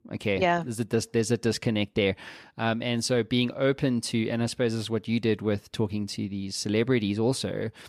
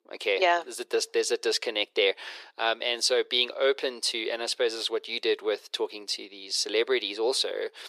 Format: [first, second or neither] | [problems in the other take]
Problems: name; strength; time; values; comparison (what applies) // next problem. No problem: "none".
first | thin; very; fading below 400 Hz